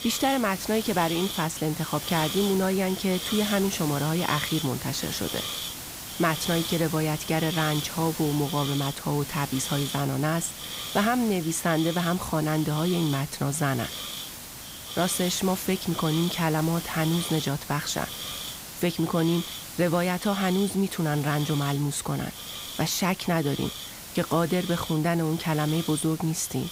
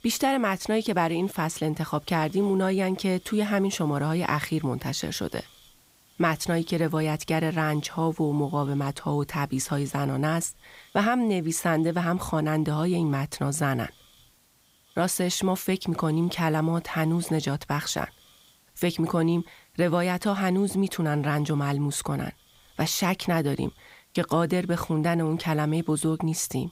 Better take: second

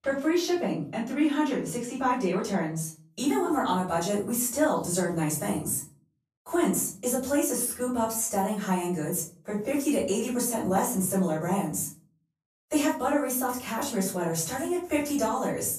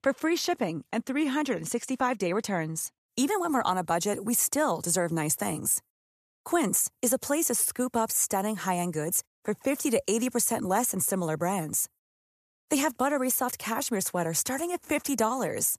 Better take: second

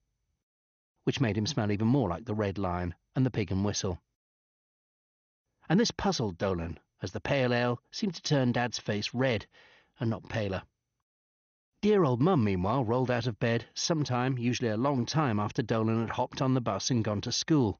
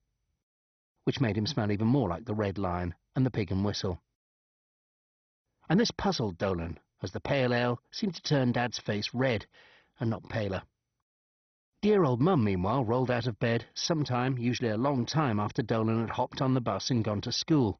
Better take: first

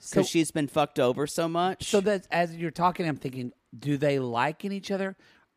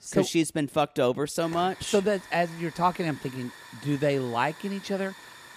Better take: first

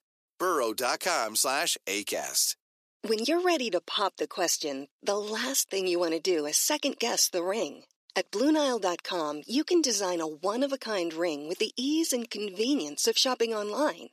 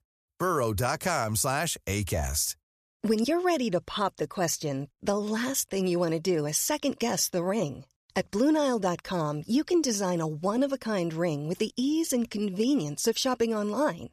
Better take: second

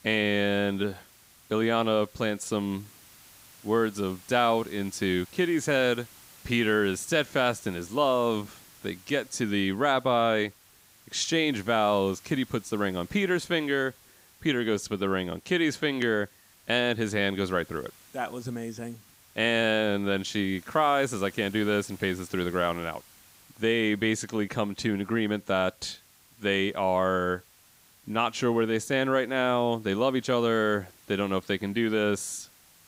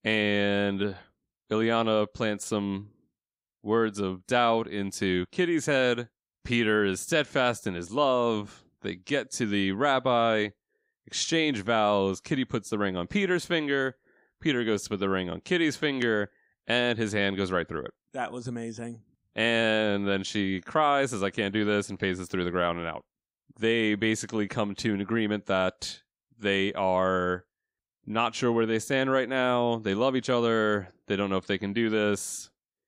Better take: second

